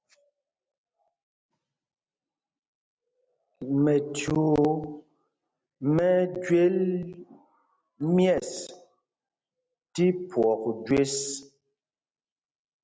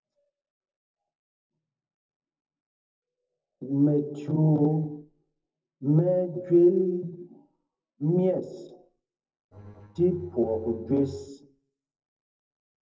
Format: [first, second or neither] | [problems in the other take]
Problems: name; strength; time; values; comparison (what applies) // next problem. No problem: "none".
first | noise reduction (neural separator model SepFormer DNS4)